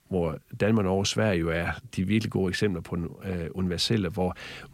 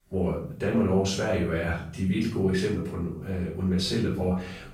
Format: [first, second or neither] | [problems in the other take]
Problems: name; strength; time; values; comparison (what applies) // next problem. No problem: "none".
first | off-mic speech; far // room echo; noticeable; dies away in 0.5 s